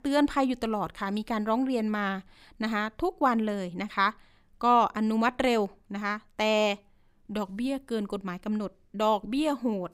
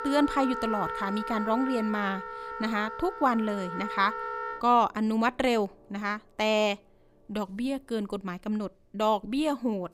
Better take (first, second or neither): first